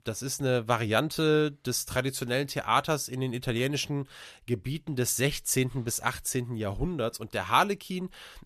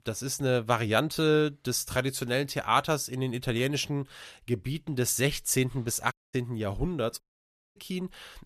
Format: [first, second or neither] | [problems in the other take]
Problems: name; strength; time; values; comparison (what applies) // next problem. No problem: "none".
first | audio cutting out; at 6 s and at 7 s for 0.5 s